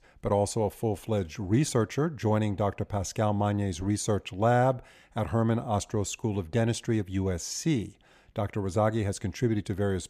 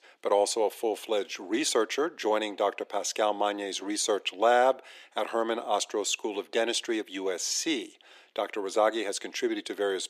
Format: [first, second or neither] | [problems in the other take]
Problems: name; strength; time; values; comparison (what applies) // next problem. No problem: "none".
first | thin; very; fading below 350 Hz